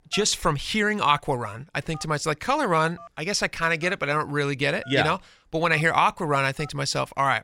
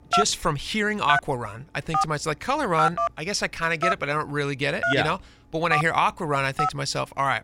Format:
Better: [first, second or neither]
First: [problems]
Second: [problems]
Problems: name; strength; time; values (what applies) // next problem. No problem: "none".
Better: first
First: alarms or sirens; faint; throughout; 25 dB below the speech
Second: alarms or sirens; loud; throughout; 2 dB below the speech